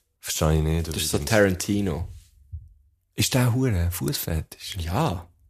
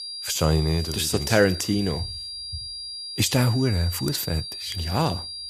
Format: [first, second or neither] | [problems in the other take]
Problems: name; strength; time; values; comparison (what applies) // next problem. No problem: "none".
first | high-pitched whine; loud; throughout; 5 kHz, 8 dB below the speech